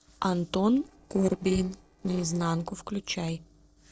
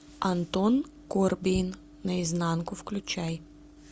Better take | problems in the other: second | noise reduction (neural separator model SepFormer DNS4)

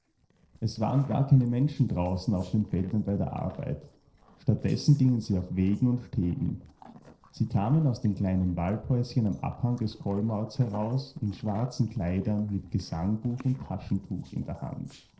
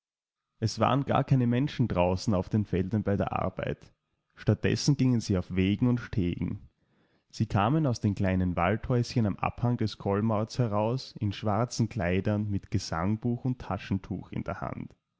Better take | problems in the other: second | noise reduction (neural separator model SepFormer DNS4)

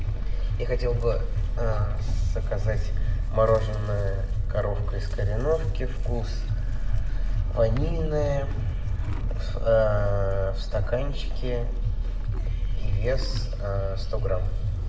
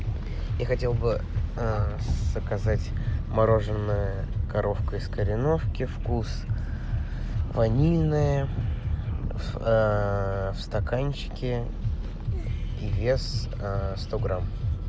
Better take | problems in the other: second | background sound (Livestock, farm animals, working animals); 7 dB below the speech // room echo; dies away in 0.7 s

